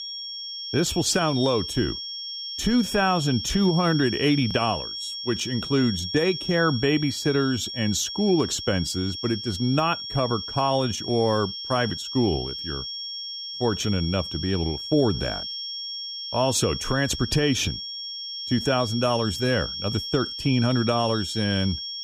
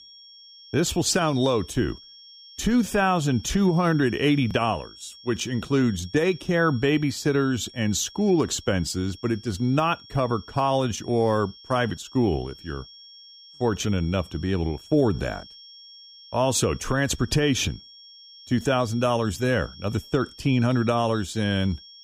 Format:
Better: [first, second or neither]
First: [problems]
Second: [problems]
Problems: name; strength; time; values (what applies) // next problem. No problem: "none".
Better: second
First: high-pitched whine; loud; throughout; 5.5 kHz, 6 dB below the speech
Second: high-pitched whine; faint; throughout; 5.5 kHz, 20 dB below the speech